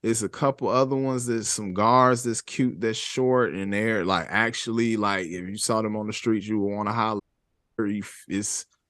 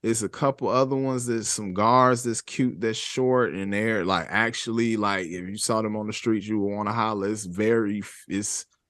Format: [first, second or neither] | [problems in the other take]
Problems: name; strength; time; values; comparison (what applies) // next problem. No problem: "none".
second | audio cutting out; at 7 s for 0.5 s